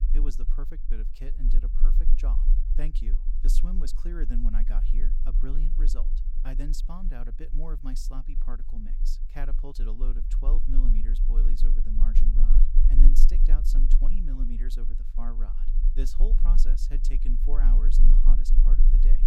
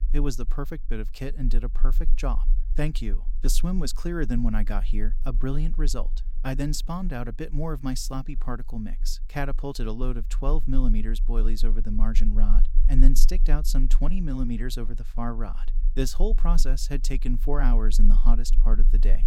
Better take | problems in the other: second | low rumble; loud; throughout; 7 dB below the speech; faint in the second

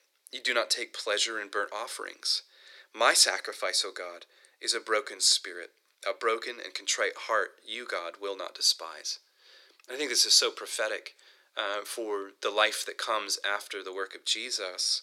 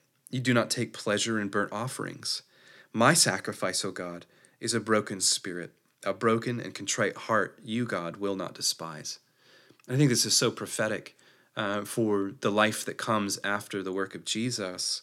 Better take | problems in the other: second | thin; very; fading below 400 Hz

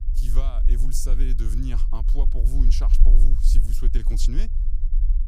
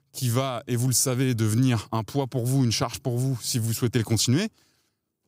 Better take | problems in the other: second | low rumble; loud; throughout; 9 dB below the speech

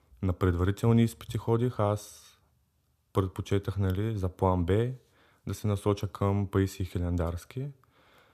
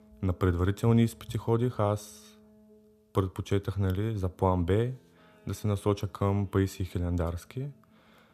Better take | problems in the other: first | background music; faint; throughout; 30 dB below the speech

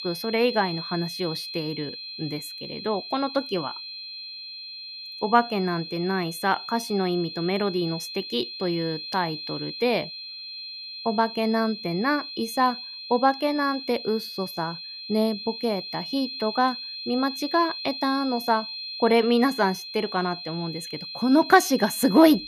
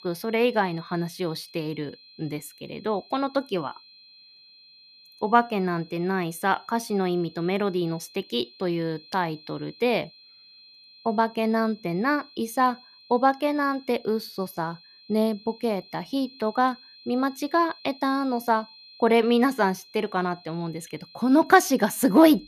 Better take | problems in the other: second | high-pitched whine; loud; throughout; 4 kHz, 9 dB below the speech; faint in the second

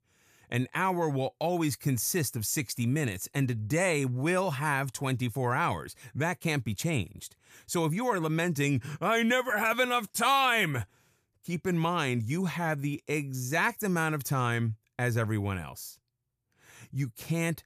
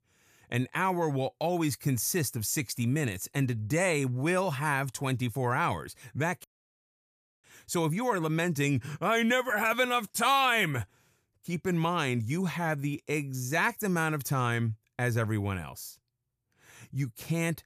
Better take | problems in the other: first | audio cutting out; at 6.5 s for 1 s

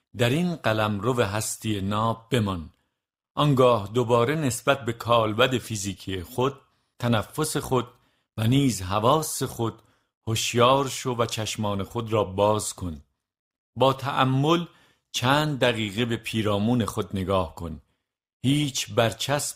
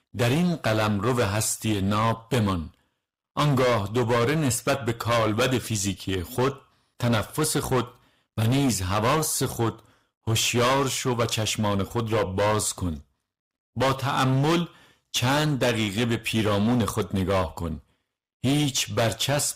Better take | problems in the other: first | distortion; heavy; 14% of the sound clipped

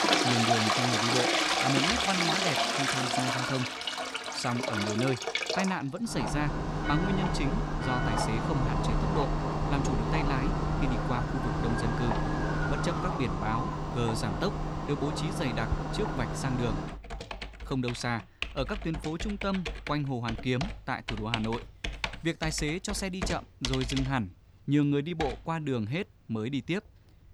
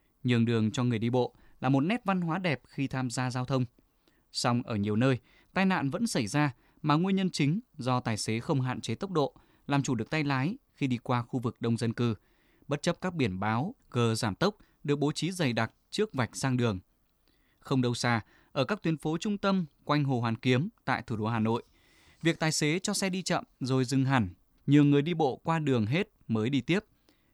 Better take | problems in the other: second | household noises; very loud; throughout; 2 dB above the speech

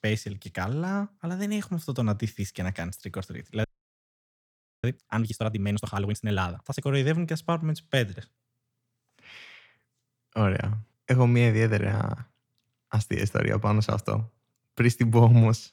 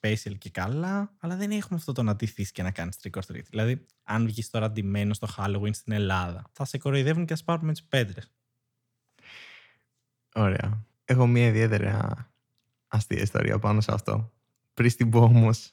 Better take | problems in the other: second | audio freezing; at 3.5 s for 1 s

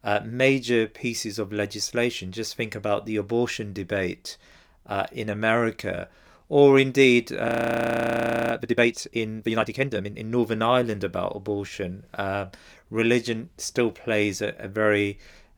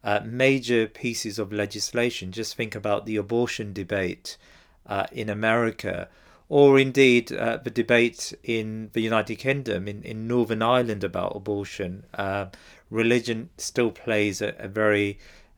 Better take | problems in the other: second | audio freezing; at 7.5 s for 1 s

